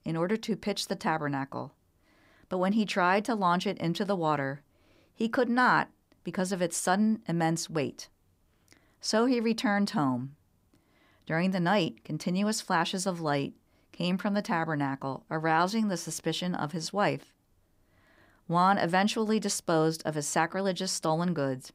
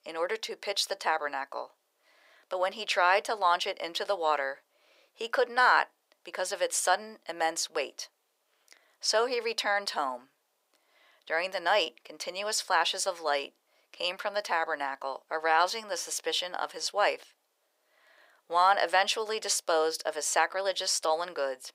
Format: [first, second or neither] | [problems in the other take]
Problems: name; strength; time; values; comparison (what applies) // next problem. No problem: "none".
first | thin; very; fading below 500 Hz